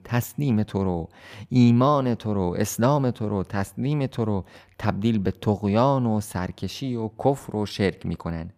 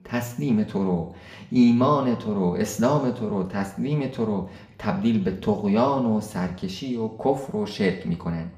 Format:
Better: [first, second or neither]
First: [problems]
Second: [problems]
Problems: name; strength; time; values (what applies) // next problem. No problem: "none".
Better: first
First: none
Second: room echo; slight; dies away in 0.6 s // off-mic speech; somewhat distant